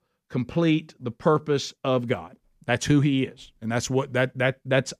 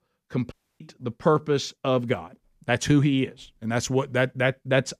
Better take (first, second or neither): first